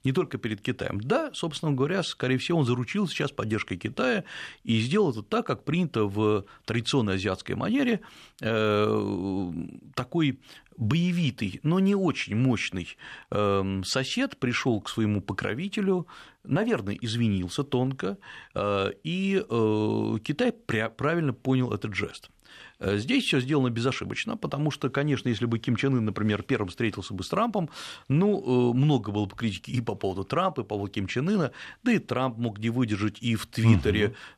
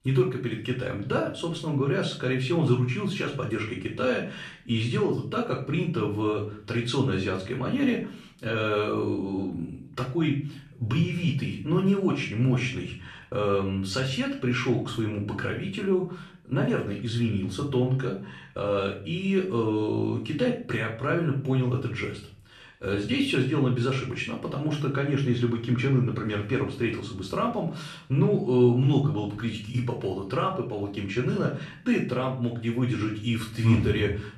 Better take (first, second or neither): first